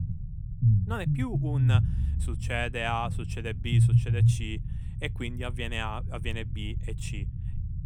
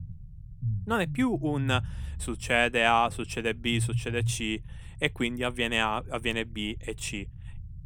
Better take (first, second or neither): second